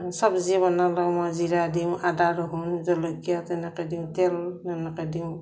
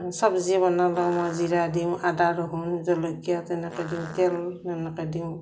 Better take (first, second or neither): first